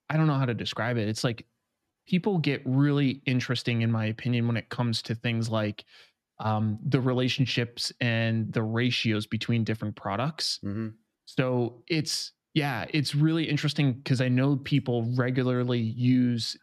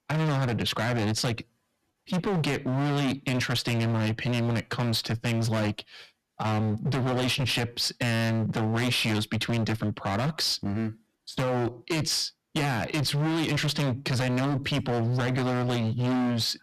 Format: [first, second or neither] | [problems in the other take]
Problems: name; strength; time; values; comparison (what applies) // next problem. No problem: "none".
first | distortion; heavy; 34% of the sound clipped